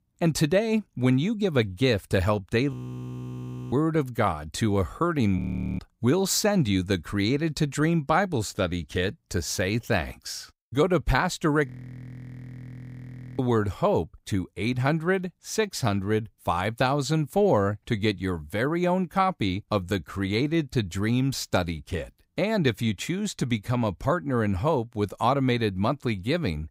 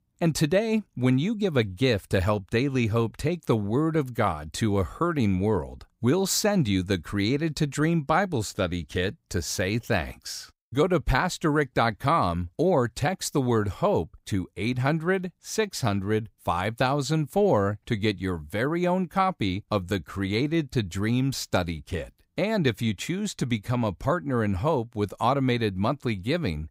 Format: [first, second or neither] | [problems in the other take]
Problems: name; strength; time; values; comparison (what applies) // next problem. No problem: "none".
second | audio freezing; at 2.5 s for 1 s, at 5.5 s and at 12 s for 1.5 s